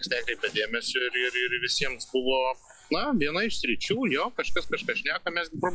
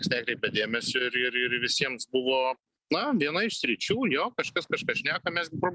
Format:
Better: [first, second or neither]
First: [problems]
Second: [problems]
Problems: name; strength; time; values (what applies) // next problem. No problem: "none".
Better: second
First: noise reduction (classical method log-MMSE)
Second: none